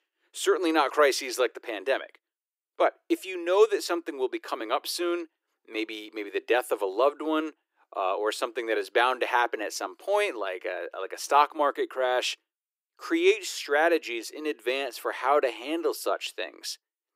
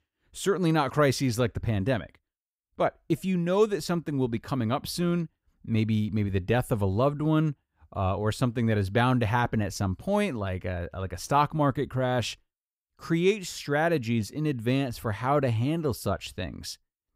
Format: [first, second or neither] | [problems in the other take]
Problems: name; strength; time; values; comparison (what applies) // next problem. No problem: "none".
second | thin; very; fading below 350 Hz